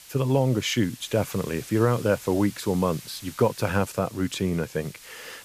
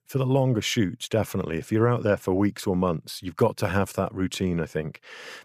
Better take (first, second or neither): second